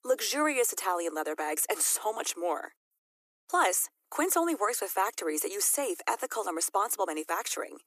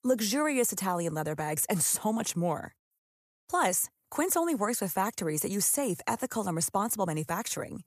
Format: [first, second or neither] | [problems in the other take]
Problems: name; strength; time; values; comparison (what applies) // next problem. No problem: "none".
second | thin; very; fading below 300 Hz